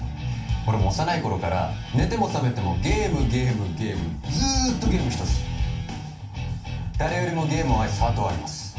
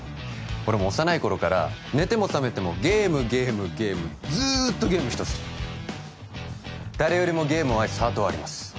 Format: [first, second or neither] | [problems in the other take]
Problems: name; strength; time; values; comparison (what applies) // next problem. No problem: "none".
second | room echo; dies away in 0.3 s